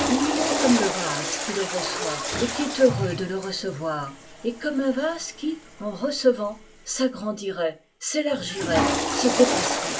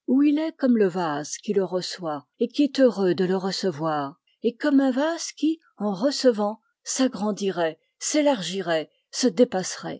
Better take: second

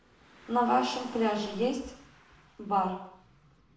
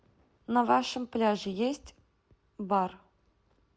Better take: second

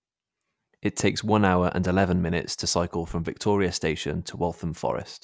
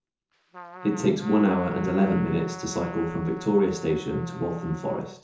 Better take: first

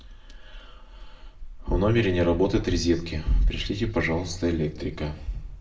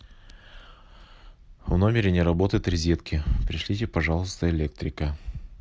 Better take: second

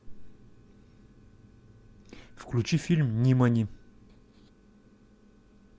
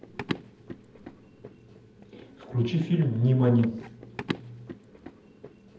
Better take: first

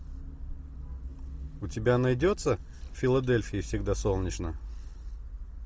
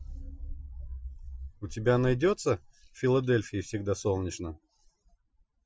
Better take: first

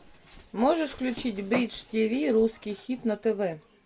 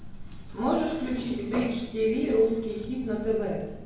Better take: first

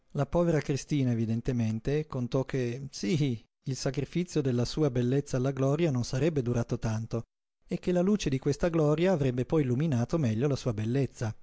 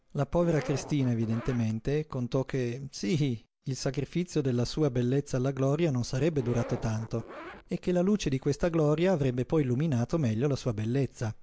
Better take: first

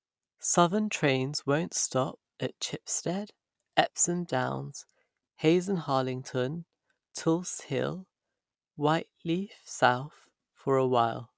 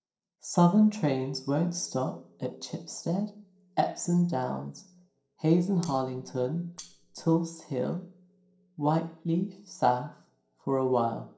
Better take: first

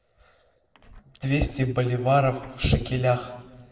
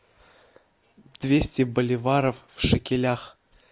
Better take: second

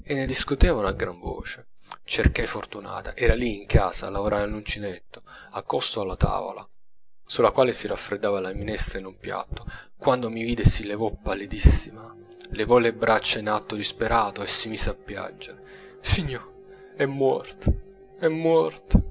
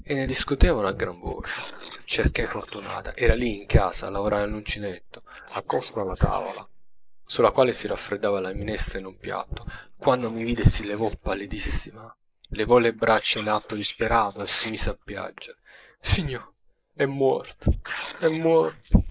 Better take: first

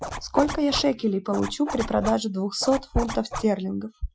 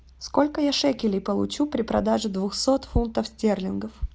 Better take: second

